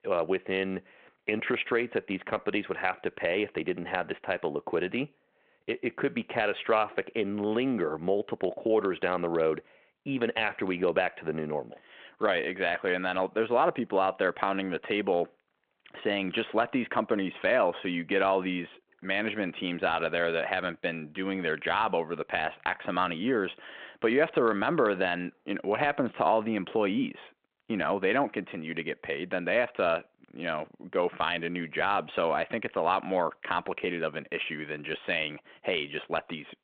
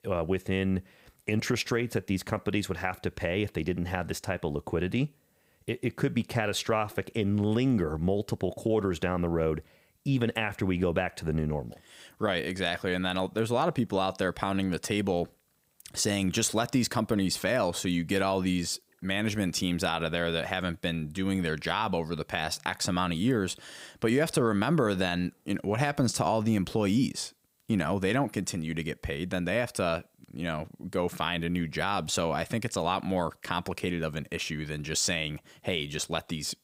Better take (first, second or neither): second